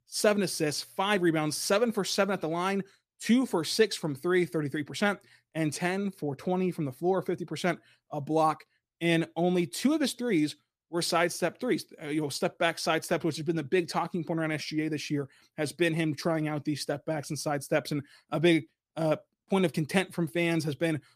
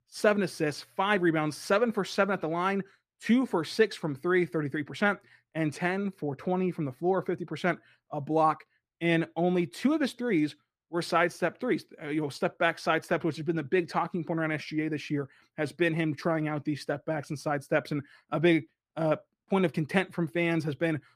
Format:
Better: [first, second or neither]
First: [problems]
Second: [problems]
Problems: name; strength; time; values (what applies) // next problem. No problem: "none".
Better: first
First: none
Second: muffled; slightly; fading above 3.5 kHz